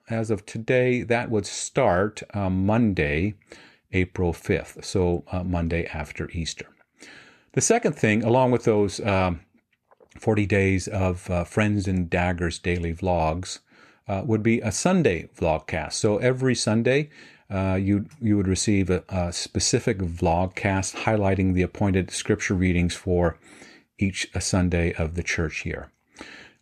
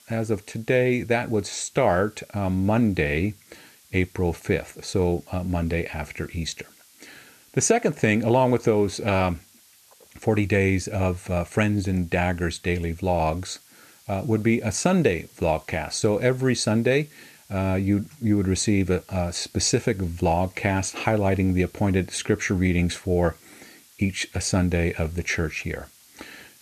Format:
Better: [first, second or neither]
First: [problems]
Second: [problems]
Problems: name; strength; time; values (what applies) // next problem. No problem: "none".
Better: first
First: none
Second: hiss; faint; throughout; 25 dB below the speech